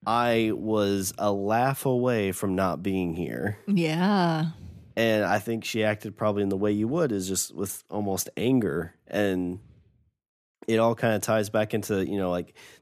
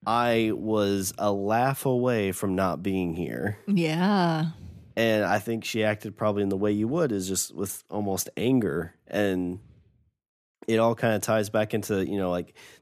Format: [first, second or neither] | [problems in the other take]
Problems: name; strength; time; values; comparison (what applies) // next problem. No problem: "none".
neither | none